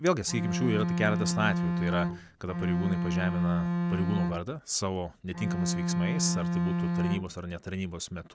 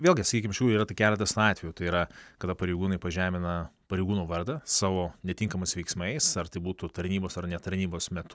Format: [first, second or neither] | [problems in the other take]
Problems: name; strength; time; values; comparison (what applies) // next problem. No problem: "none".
second | background sound (Bowed string instrument); 3 dB above the speech